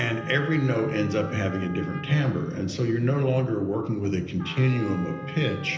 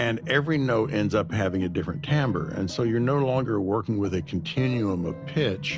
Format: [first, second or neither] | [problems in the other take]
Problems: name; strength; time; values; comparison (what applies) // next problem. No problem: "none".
second | background sound (Trumpet); 17 dB below the speech // room echo; dies away in 0.8 s